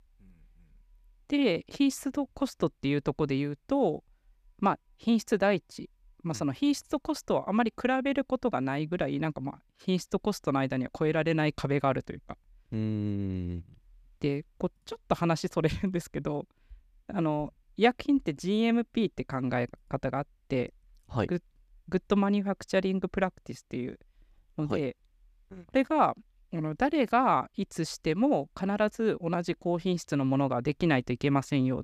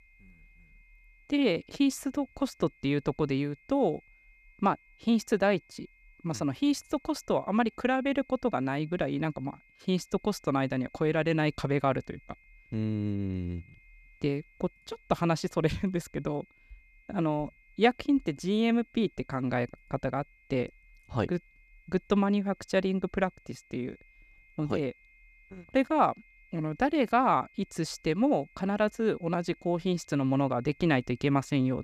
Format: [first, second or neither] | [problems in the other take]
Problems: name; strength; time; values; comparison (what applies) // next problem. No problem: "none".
first | high-pitched whine; faint; throughout; 2 kHz, 30 dB below the speech